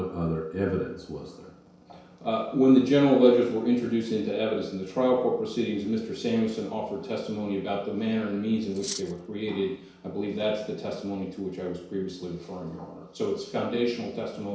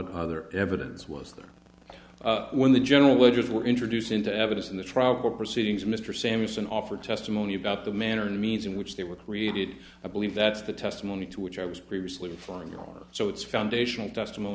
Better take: second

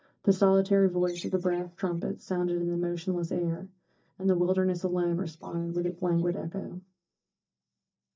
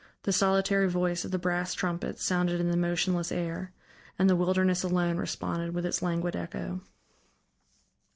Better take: second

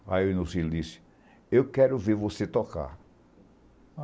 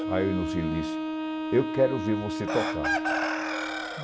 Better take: first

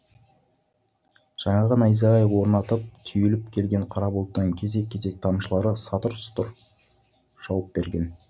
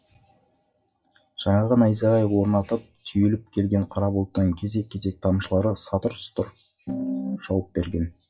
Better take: first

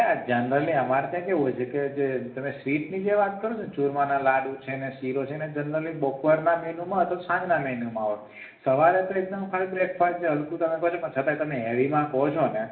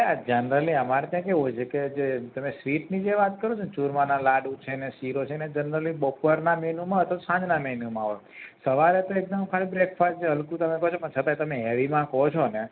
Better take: second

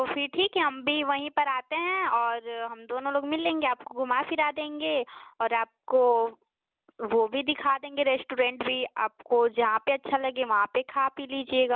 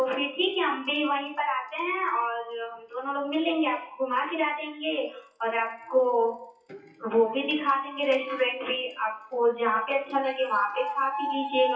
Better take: first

